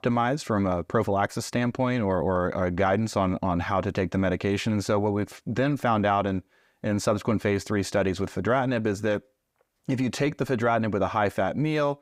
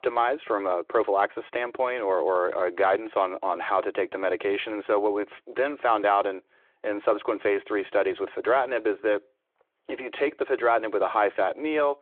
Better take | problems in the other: first | phone-call audio

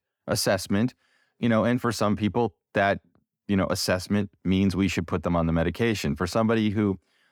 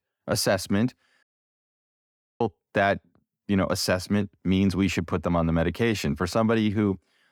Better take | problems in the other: first | audio cutting out; at 1 s for 1 s

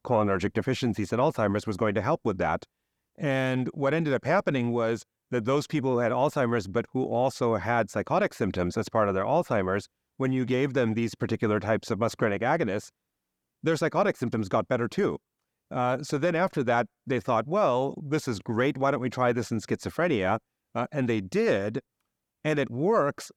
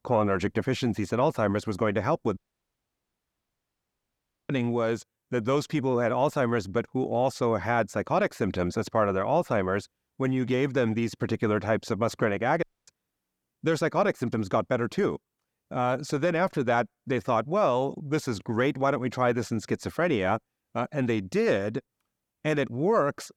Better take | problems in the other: first | audio cutting out; at 2.5 s for 2 s and at 13 s

